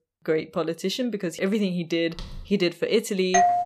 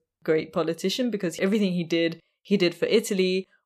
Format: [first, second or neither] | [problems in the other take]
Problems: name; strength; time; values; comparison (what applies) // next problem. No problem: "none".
second | footsteps; faint; at 2 s; peak 15 dB below the speech // doorbell; very faint; at 3.5 s; peak 5 dB above the speech